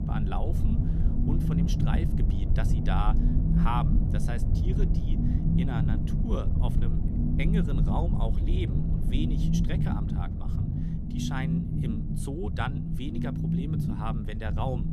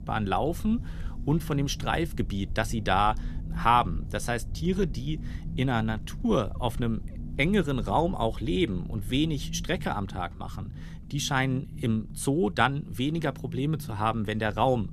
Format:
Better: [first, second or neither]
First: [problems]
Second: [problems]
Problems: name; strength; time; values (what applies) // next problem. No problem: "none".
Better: second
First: low rumble; loud; throughout; 1 dB below the speech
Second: low rumble; faint; throughout; 20 dB below the speech